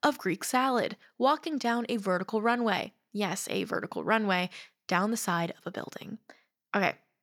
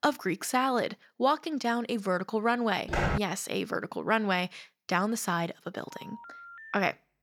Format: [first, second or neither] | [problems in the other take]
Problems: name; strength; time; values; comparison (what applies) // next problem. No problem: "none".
first | footsteps; loud; at 3 s; peak level with the speech // phone ringing; faint; from 6 s on; peak 15 dB below the speech